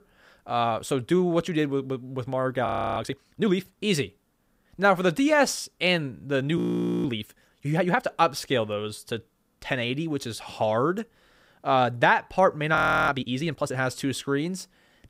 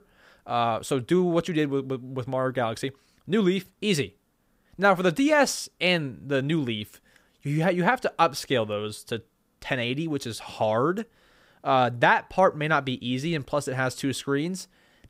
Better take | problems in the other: second | audio freezing; at 2.5 s, at 6.5 s and at 13 s

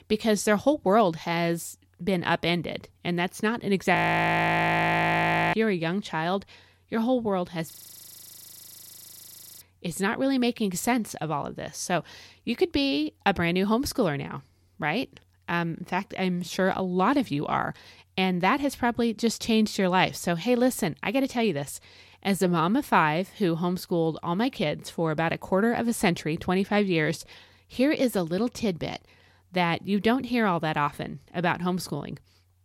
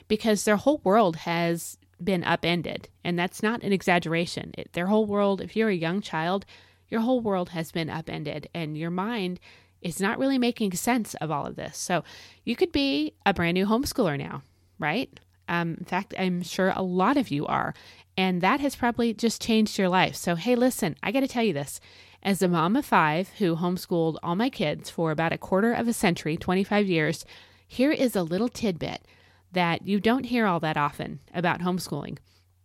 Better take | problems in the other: second | audio freezing; at 4 s for 1.5 s and at 7.5 s for 2 s

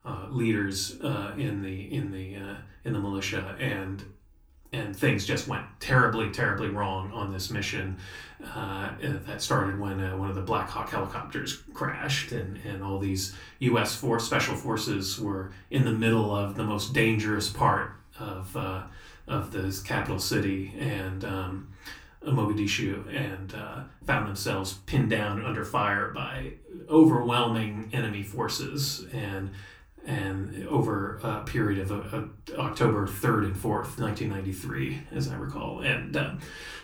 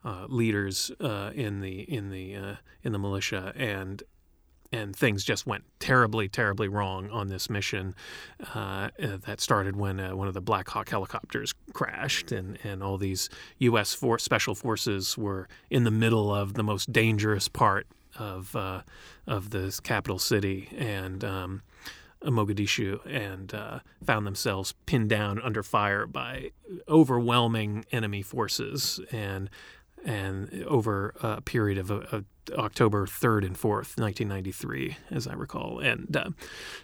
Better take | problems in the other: second | off-mic speech; far // room echo; very slight; dies away in 0.3 s

